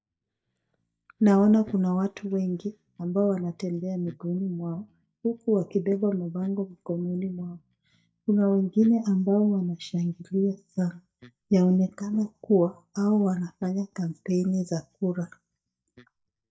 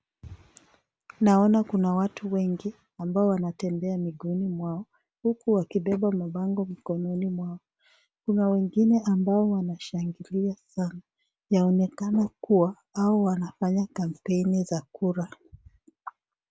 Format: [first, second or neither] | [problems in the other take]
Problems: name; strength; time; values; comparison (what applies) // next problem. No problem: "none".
second | noise reduction (neural mask model DeepFilterNet 3)